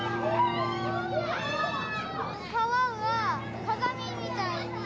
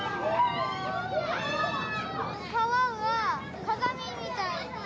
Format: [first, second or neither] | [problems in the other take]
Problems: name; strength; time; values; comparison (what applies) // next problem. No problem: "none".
second | background sound (Bowed string instrument); 8 dB below the speech